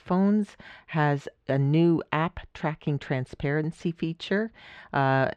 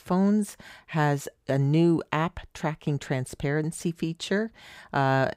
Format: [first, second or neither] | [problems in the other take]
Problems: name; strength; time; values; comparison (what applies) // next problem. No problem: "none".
second | muffled; slightly; fading above 3 kHz